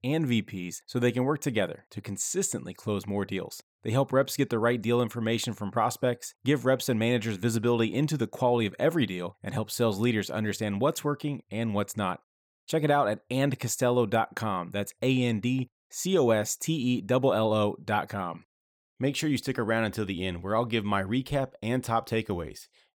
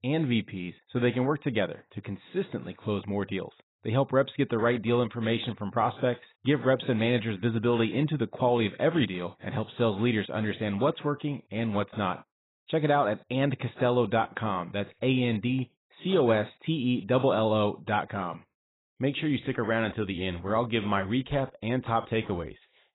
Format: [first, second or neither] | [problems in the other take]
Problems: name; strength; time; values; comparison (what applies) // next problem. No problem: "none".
first | garbled, watery; badly; nothing above 4 kHz